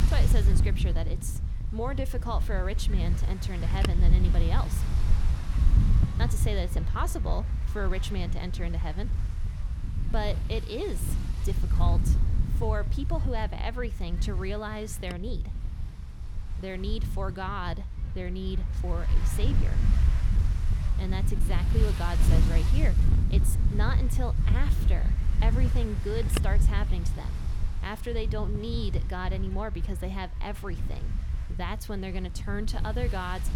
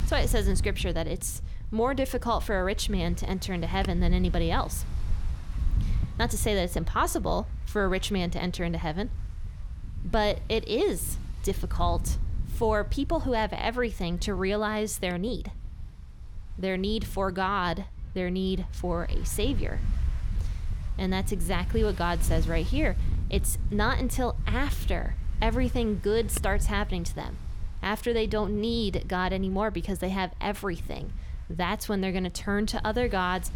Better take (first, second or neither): second